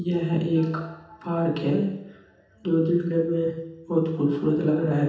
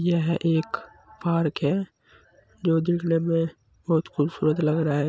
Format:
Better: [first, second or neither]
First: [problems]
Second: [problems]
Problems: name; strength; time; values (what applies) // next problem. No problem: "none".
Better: second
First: room echo; dies away in 0.8 s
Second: none